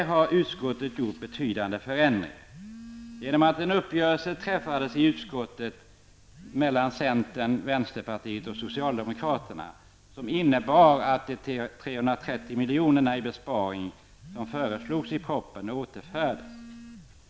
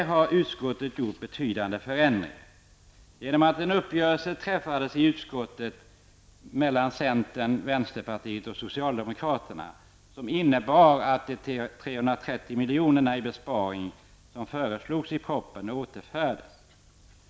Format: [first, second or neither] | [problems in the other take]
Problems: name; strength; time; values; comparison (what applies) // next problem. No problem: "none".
second | background sound (Telephone); 20 dB below the speech